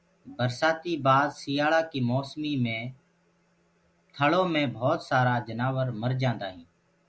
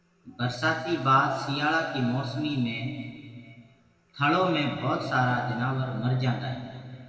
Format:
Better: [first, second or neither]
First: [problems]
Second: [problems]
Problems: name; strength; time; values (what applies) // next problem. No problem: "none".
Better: first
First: none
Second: room echo; dies away in 2.3 s